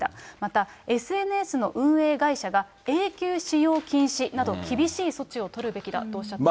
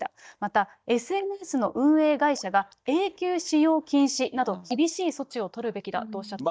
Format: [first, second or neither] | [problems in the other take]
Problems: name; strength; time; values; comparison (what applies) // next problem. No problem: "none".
first | noise reduction (neural mask model DeepFilterNet 3)